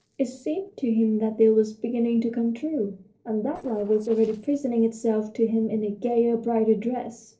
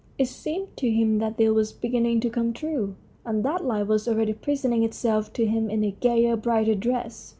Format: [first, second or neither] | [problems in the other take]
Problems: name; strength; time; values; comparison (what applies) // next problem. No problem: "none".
second | noise reduction (neural separator model SepFormer DNS4)